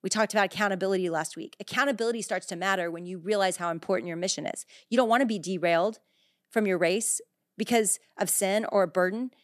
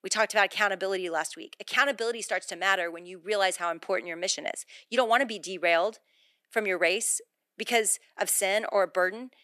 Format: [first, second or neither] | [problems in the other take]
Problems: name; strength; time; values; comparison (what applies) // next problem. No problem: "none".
first | thin; somewhat; fading below 400 Hz